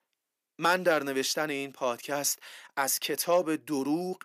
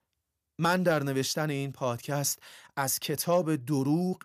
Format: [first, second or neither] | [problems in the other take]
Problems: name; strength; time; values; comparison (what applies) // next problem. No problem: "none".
second | thin; very slightly; fading below 250 Hz